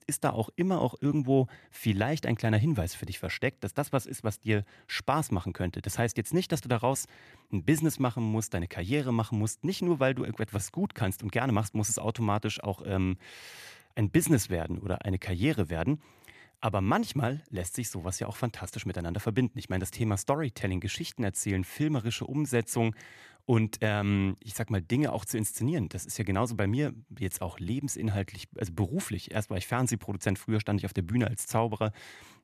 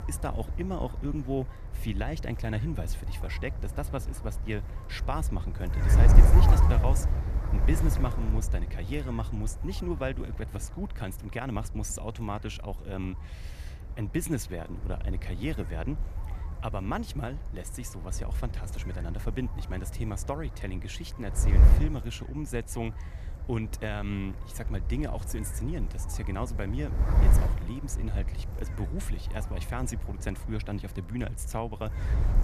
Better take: first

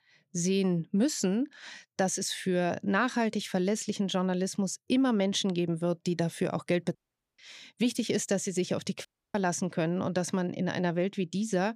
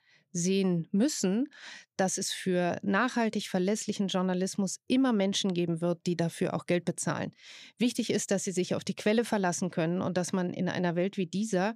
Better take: second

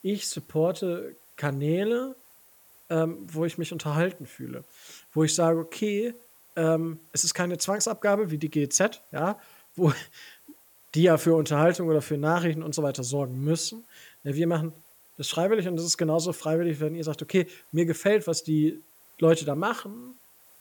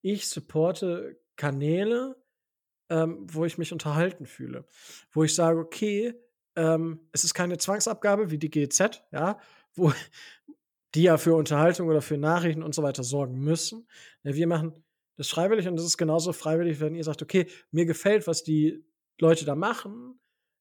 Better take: second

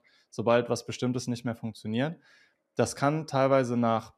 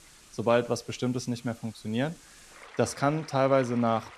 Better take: first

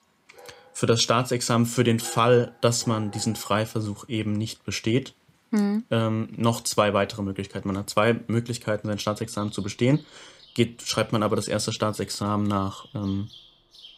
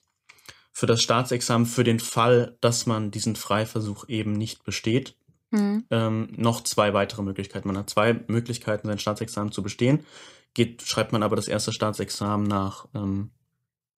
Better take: second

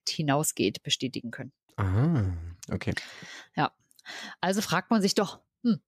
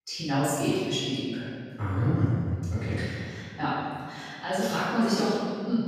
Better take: first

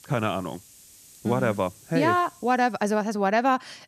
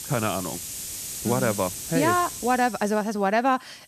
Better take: first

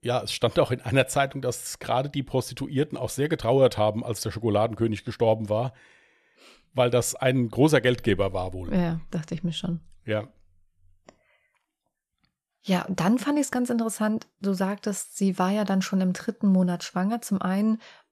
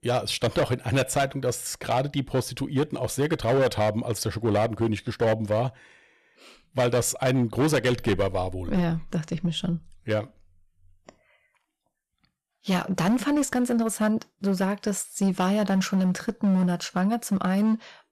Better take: first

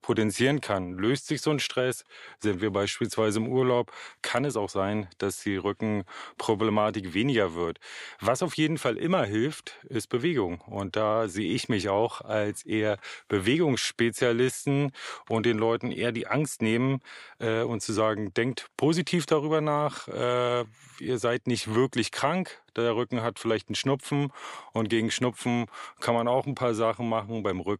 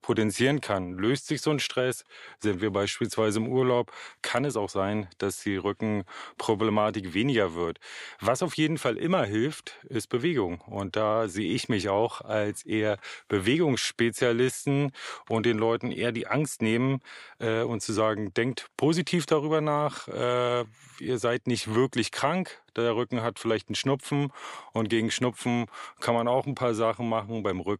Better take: neither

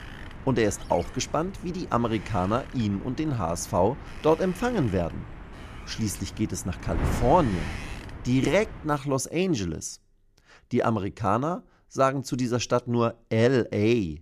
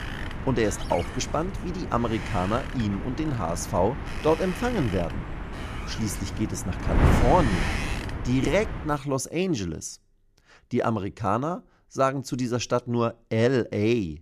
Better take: first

